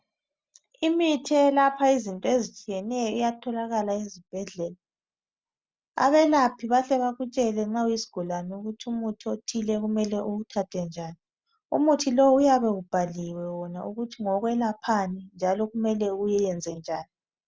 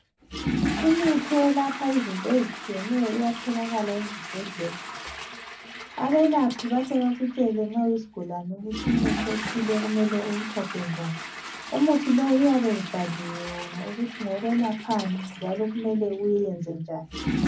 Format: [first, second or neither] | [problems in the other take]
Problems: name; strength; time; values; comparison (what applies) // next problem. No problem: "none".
first | background sound (Toilet flush / Water); 8 dB below the speech // room echo; dies away in 0.4 s